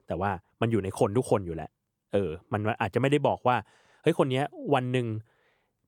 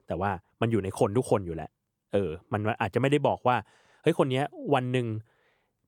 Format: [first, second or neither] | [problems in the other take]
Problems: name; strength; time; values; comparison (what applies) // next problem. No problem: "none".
neither | none